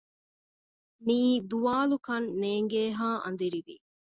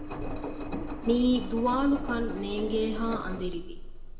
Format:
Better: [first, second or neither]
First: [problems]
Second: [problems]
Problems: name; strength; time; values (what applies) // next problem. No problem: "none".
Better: first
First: none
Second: background sound (Engine); 5 dB below the speech // room echo; dies away in 0.8 s